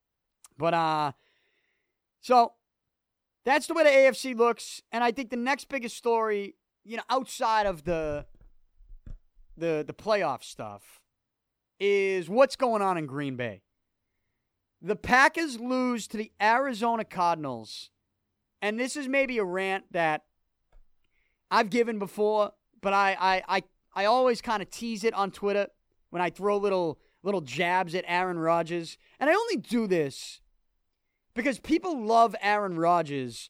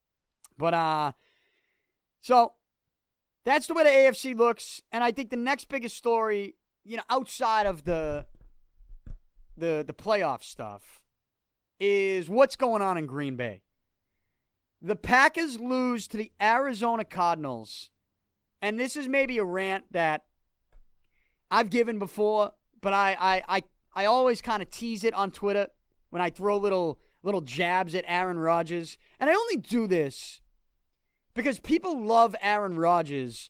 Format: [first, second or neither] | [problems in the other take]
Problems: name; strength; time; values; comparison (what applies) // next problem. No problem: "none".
first | garbled, watery; slightly